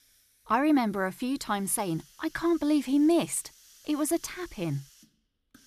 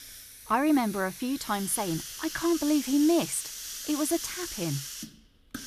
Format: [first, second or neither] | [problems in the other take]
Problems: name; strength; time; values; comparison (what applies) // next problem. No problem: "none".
first | hiss; loud; throughout; 9 dB below the speech; faint in the first